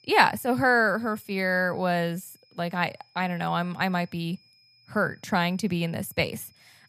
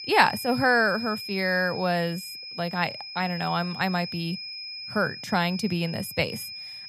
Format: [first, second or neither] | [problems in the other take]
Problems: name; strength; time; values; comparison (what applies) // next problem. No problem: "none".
first | high-pitched whine; loud; throughout; 5 kHz, 9 dB below the speech; faint in the first